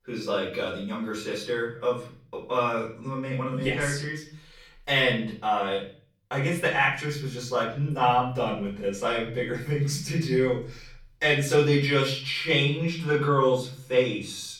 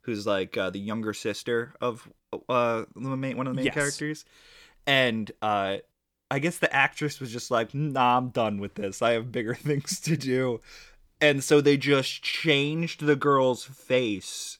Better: second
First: off-mic speech; far // room echo; slight; dies away in 0.5 s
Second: none

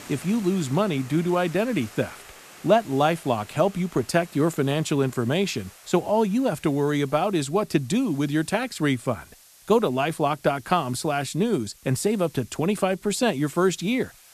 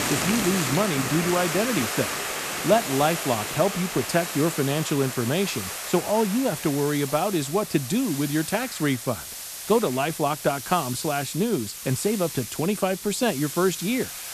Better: first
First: hiss; faint; throughout; 20 dB below the speech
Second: hiss; loud; throughout; 5 dB below the speech

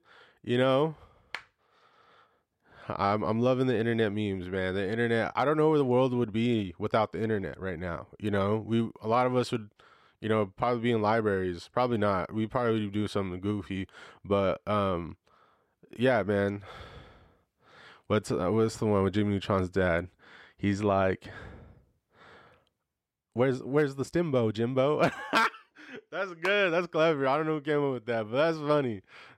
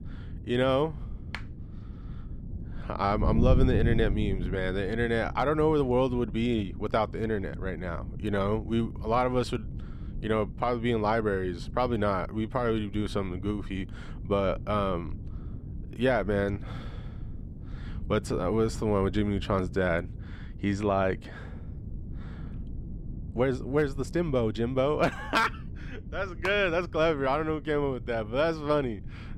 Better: first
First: none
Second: wind noise on the microphone; occasional gusts; 20 dB below the speech

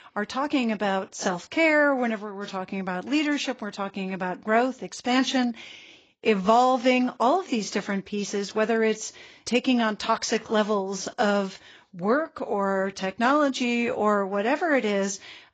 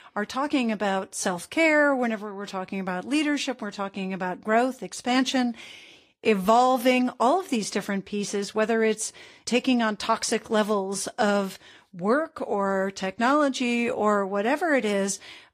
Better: second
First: garbled, watery; badly; nothing above 7.5 kHz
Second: garbled, watery; slightly; nothing above 14.5 kHz

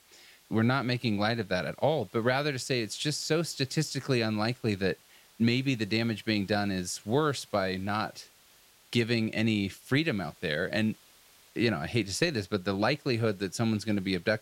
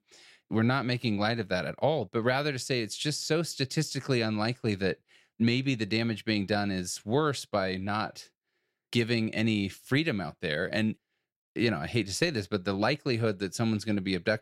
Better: second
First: hiss; faint; throughout; 25 dB below the speech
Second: none

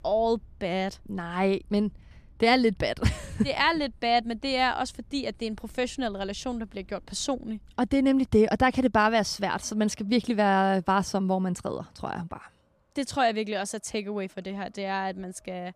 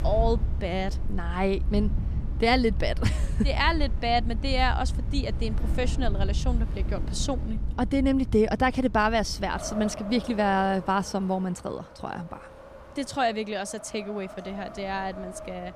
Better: first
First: wind in the background; faint; throughout; 30 dB below the speech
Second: wind in the background; loud; throughout; 4 dB below the speech

